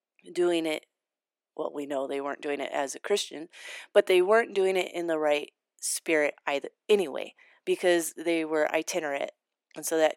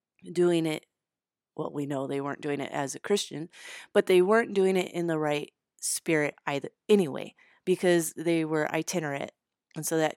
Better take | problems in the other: second | thin; somewhat; fading below 300 Hz

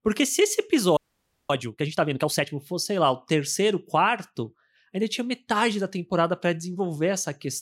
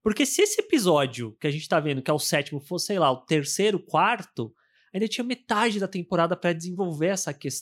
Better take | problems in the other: second | audio freezing; at 1 s for 0.5 s

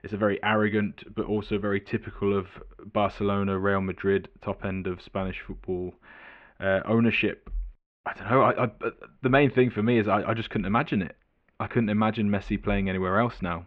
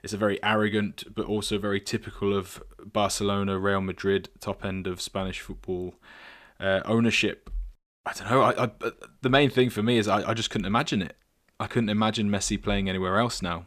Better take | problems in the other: second | muffled; very; fading above 2.5 kHz

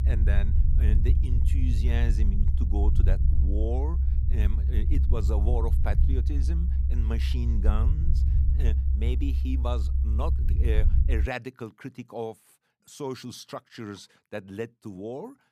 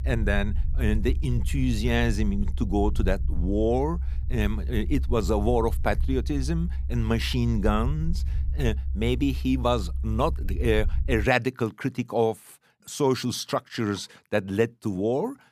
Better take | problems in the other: second | low rumble; loud; until 11 s; 6 dB below the speech; faint in the second

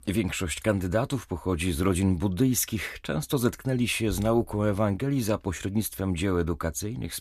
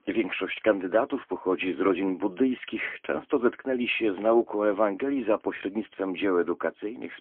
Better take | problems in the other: first | phone-call audio; poor line

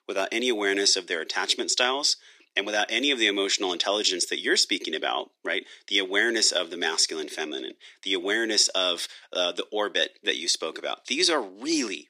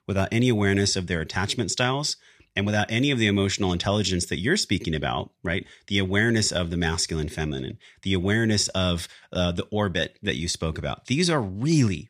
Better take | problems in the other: second | thin; somewhat; fading below 300 Hz

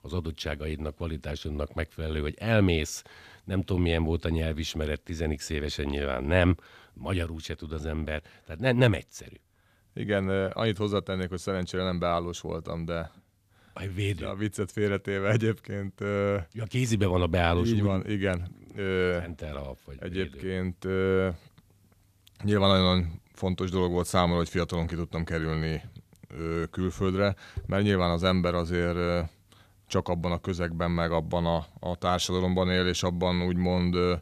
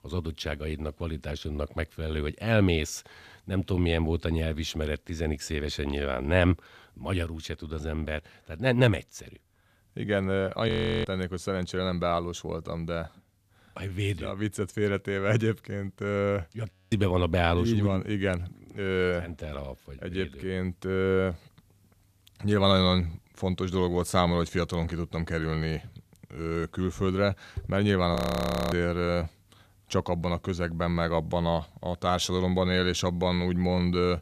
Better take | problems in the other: first | audio freezing; at 11 s, at 17 s and at 28 s for 0.5 s

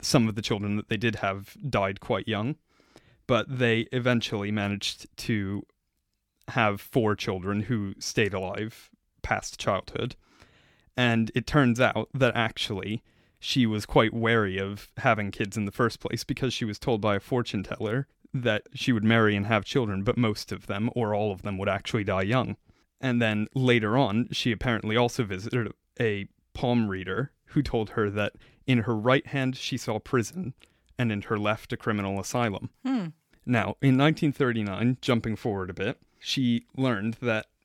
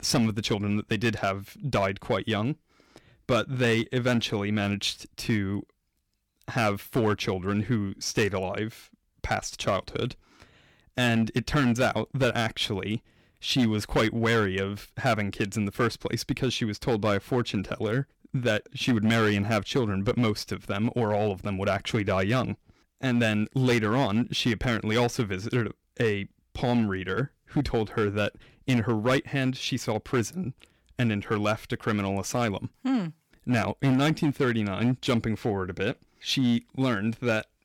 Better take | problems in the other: first | distortion; slight; 5% of the sound clipped

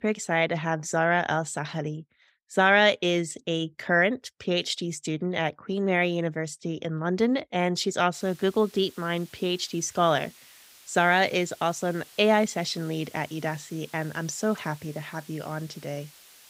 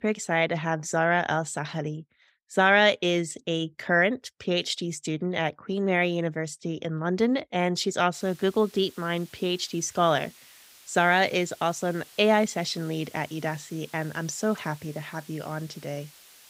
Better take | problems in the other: neither | hiss; faint; from 8 s on; 25 dB below the speech; the same in both

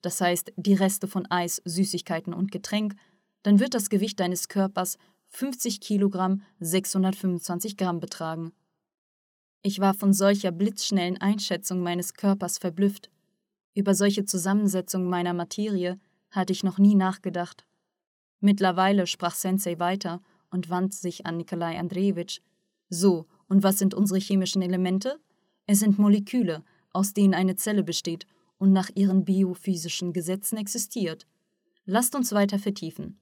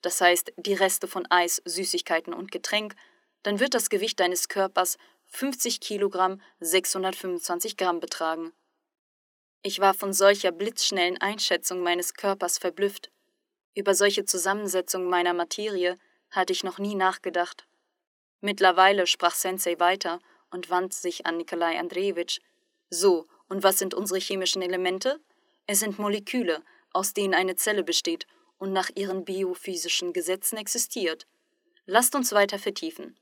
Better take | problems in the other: first | thin; very; fading below 300 Hz

